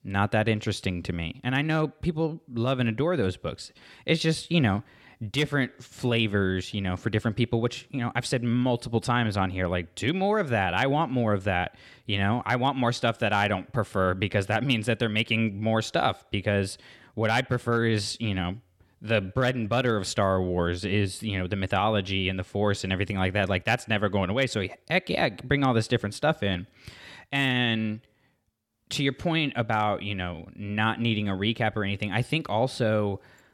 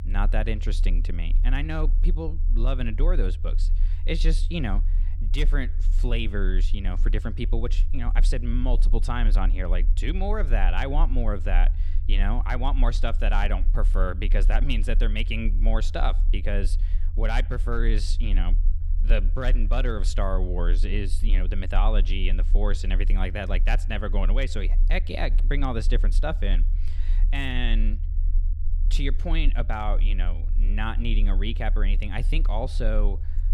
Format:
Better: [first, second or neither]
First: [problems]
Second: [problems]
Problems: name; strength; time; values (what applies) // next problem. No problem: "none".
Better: first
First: none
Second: low rumble; noticeable; throughout; 15 dB below the speech